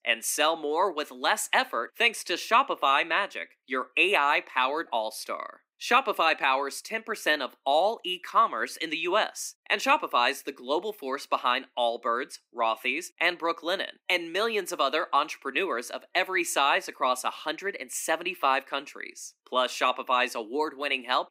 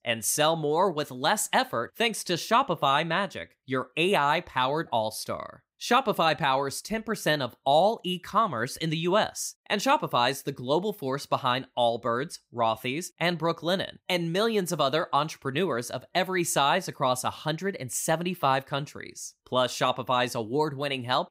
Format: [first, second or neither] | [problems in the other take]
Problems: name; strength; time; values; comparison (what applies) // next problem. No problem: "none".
second | thin; somewhat; fading below 250 Hz